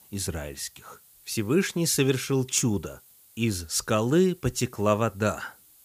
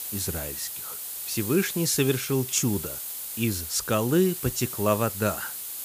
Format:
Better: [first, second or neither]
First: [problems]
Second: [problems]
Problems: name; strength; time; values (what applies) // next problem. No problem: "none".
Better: first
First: hiss; faint; throughout; 25 dB below the speech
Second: hiss; loud; throughout; 6 dB below the speech